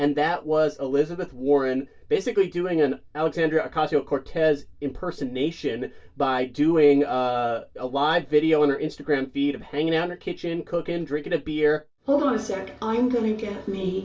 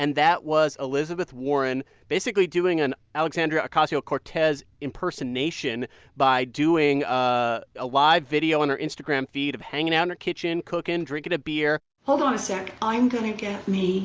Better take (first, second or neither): second